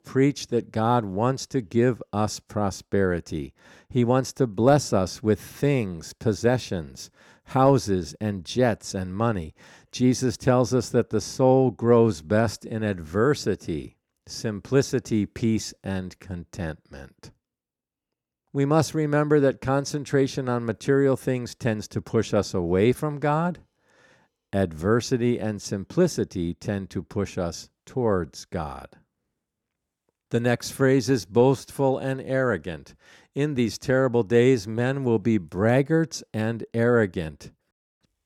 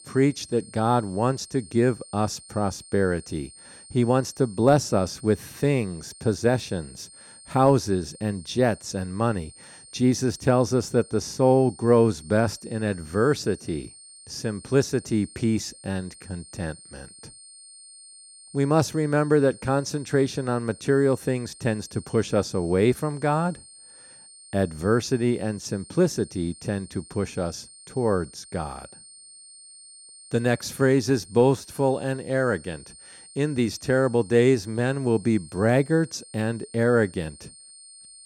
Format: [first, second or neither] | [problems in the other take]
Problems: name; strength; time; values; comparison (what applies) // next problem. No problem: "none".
first | high-pitched whine; faint; throughout; 8.5 kHz, 20 dB below the speech